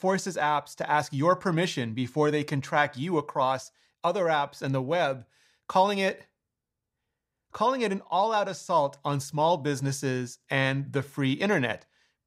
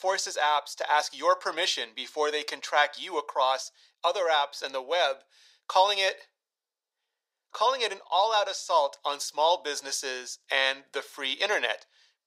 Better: first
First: none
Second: thin; very; fading below 500 Hz

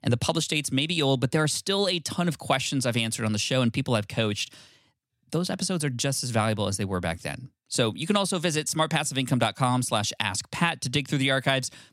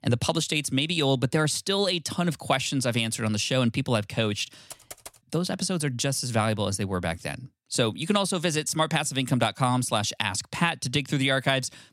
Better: first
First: none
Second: keyboard typing; faint; at 4.5 s; peak 15 dB below the speech

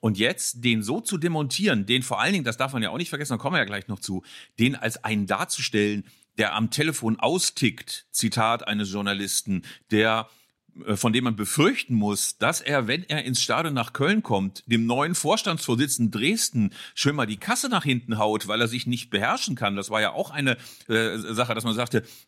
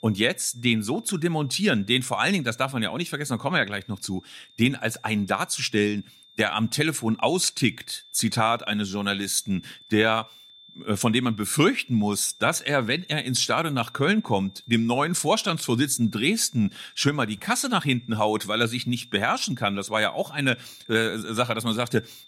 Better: first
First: none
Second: high-pitched whine; faint; throughout; 3.5 kHz, 25 dB below the speech

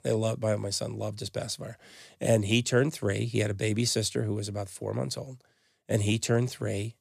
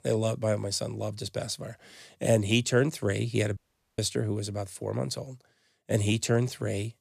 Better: first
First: none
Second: audio cutting out; at 3.5 s

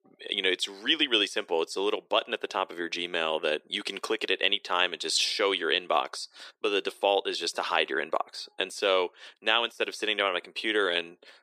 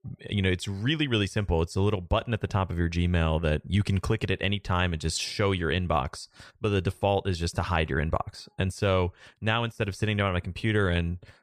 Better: second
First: thin; very; fading below 300 Hz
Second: none

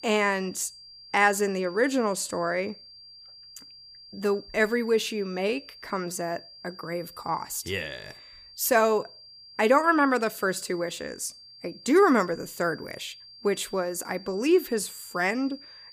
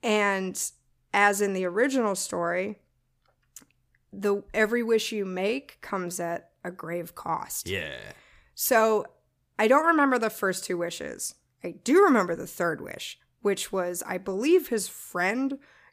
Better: second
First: high-pitched whine; noticeable; throughout; 4.5 kHz, 20 dB below the speech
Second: none

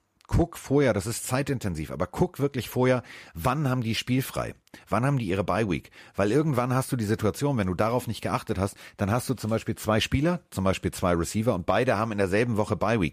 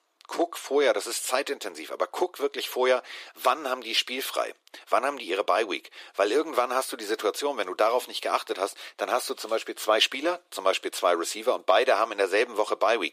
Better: first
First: none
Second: thin; very; fading below 350 Hz

